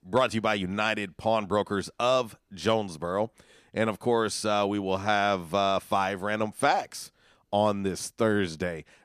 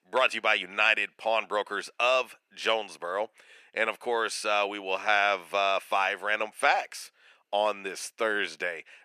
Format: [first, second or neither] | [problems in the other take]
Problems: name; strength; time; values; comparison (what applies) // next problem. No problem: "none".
first | thin; very; fading below 550 Hz